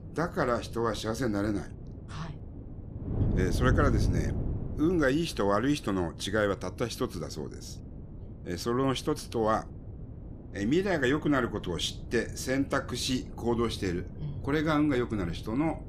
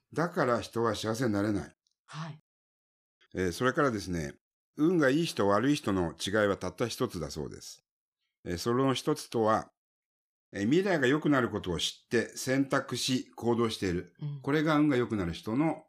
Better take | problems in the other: second | wind noise on the microphone; occasional gusts; 15 dB below the speech

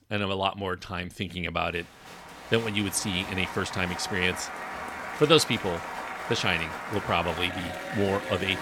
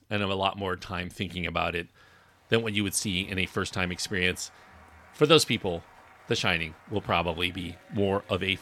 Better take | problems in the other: second | crowd noise; loud; from 2 s on; 8 dB below the speech; faint in the second

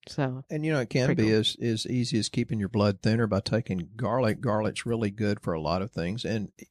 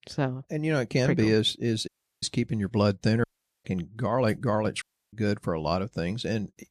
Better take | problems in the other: first | audio cutting out; at 2 s, at 3 s and at 5 s

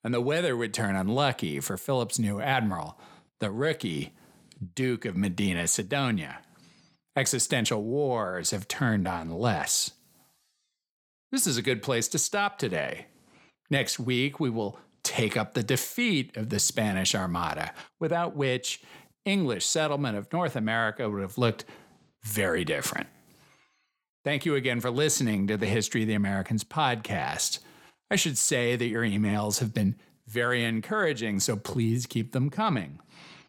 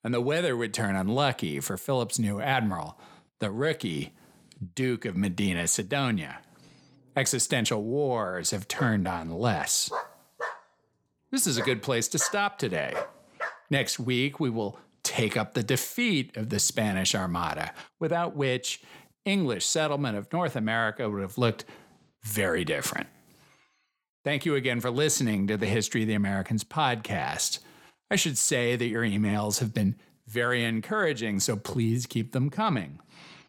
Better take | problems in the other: first | dog barking; noticeable; from 9 to 14 s; peak 8 dB below the speech

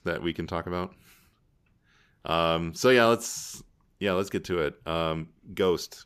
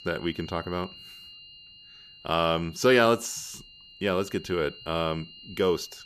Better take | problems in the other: first | high-pitched whine; noticeable; throughout; 3 kHz, 20 dB below the speech

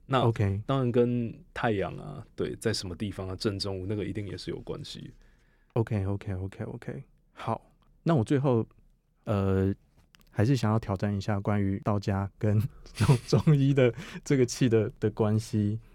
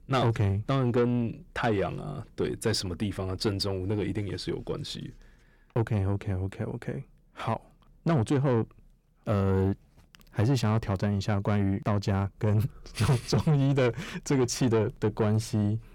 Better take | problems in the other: first | distortion; slight; 10 dB below the speech

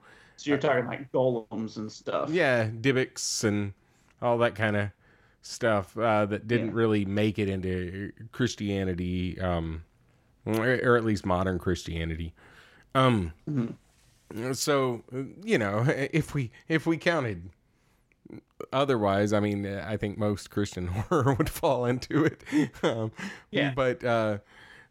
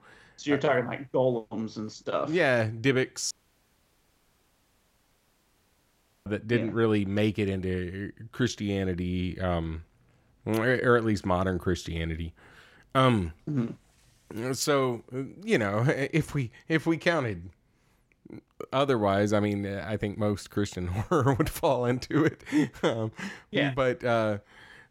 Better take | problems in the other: first | audio cutting out; at 3.5 s for 3 s

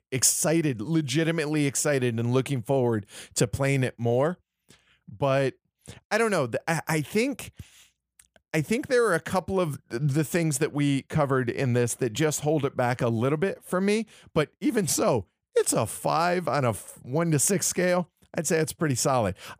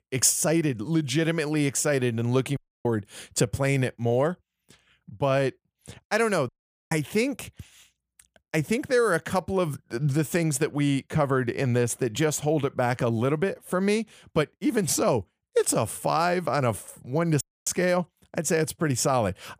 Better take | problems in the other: first | audio cutting out; at 2.5 s, at 6.5 s and at 17 s

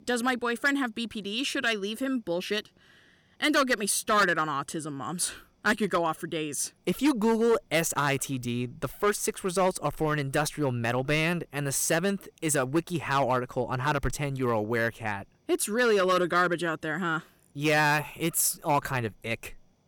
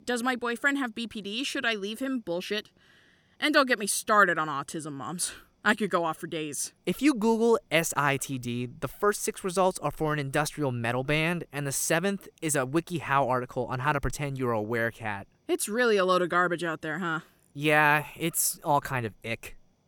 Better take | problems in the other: second | distortion; slight; 3% of the sound clipped

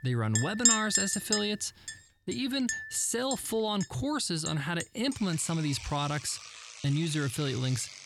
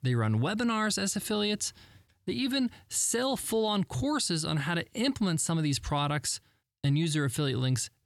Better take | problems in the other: second | household noises; loud; throughout; 1 dB below the speech

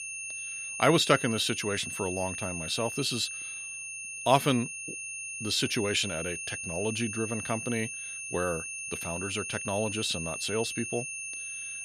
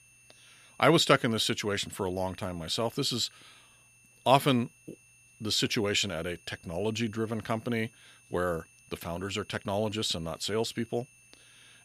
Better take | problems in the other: second | high-pitched whine; loud; throughout; 2.5 kHz, 5 dB below the speech; faint in the second

